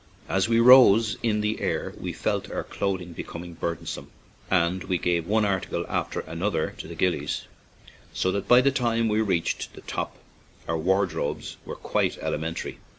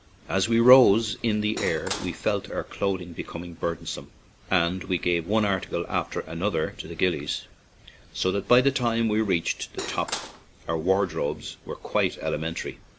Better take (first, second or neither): first